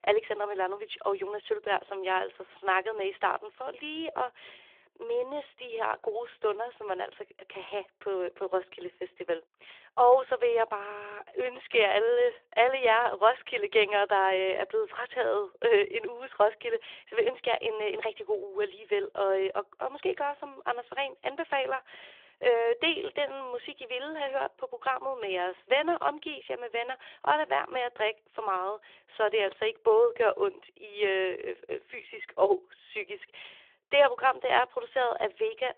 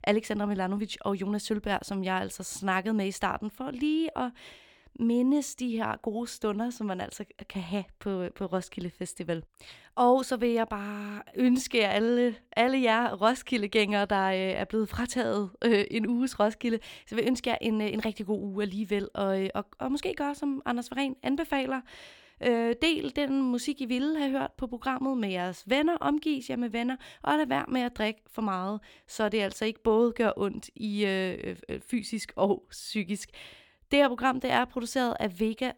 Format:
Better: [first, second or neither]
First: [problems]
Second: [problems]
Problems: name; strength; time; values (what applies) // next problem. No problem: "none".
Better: second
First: phone-call audio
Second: none